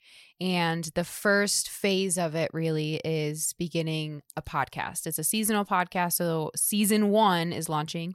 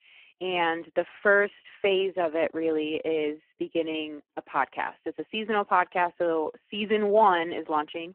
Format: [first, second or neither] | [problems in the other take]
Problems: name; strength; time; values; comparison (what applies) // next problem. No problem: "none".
first | phone-call audio; poor line